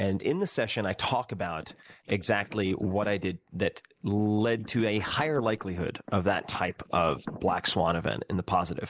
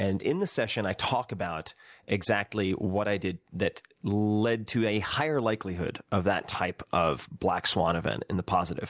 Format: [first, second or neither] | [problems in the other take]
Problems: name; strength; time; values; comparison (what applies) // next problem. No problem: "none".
second | noise reduction (neural mask model Resemble Enhance denoiser)